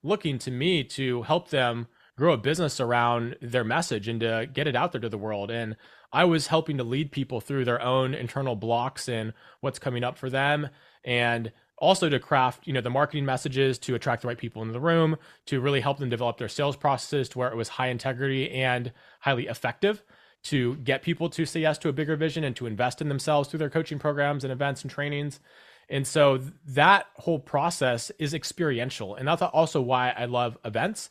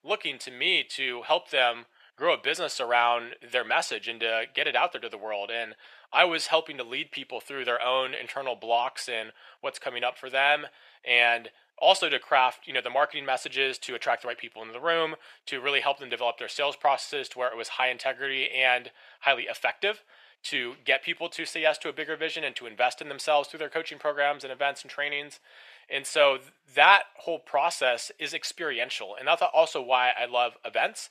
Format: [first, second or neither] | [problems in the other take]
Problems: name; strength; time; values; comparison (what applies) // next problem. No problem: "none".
first | thin; very; fading below 600 Hz